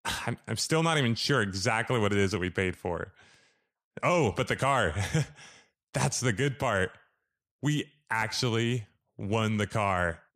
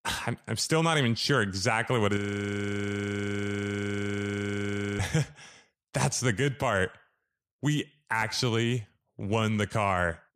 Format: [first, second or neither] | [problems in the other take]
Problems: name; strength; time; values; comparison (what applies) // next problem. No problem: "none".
first | audio freezing; at 2 s for 3 s